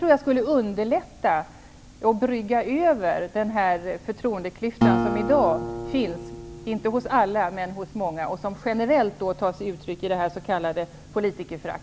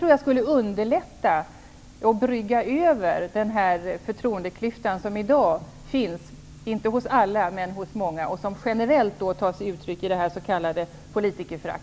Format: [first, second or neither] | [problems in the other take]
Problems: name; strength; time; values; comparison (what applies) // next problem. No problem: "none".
second | background sound (Acoustic guitar); 3 dB below the speech